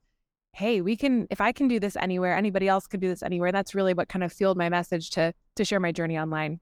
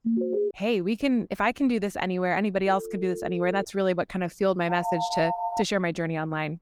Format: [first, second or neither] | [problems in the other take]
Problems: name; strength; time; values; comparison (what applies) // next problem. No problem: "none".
first | alarm; loud; at the start; peak 1 dB above the speech // phone ringing; noticeable; at 2.5 s and at 4.5 s; peak 2 dB below the speech